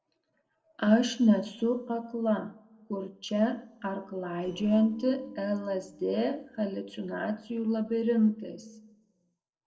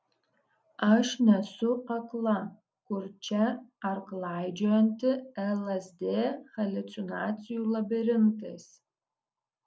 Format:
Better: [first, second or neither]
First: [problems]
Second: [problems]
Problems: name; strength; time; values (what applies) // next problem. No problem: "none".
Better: second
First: noise reduction (neural separator model SepFormer DNS4)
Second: none